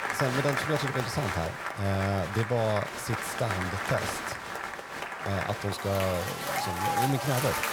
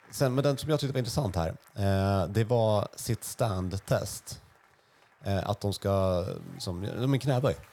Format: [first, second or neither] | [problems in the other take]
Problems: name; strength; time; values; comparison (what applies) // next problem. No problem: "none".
second | crowd noise; loud; throughout; 1 dB below the speech; faint in the second